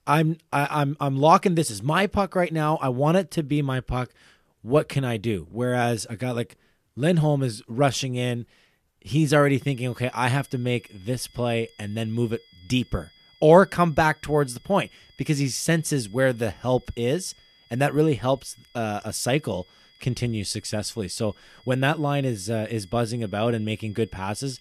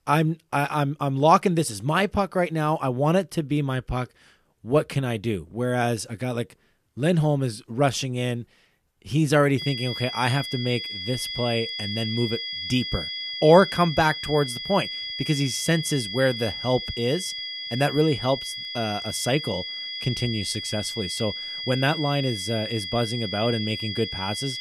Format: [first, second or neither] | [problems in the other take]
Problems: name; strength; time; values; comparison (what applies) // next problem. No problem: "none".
first | high-pitched whine; loud; from 9.5 s on; 3.5 kHz, 5 dB below the speech; faint in the first